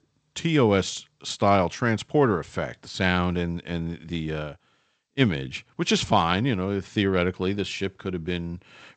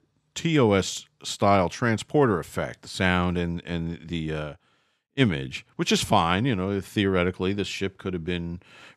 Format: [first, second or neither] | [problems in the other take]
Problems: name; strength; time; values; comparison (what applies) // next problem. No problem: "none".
second | garbled, watery; slightly; nothing above 8 kHz